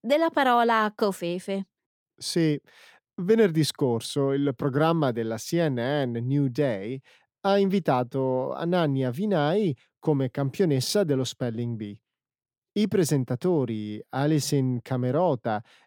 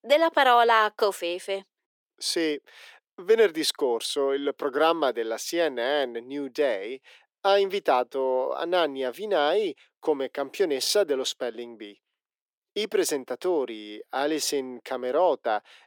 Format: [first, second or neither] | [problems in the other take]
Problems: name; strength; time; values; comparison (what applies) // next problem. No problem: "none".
first | thin; very; fading below 350 Hz